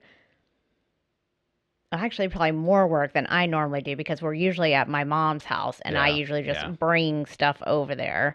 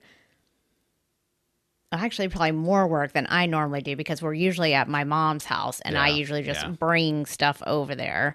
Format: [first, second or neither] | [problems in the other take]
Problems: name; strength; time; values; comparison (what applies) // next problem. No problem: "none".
second | muffled; slightly; fading above 3 kHz